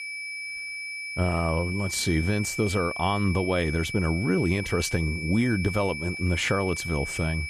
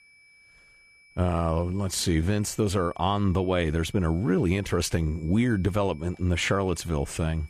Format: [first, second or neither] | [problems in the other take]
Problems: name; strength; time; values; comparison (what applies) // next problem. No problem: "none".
second | high-pitched whine; loud; throughout; 2.5 kHz, 6 dB below the speech; faint in the second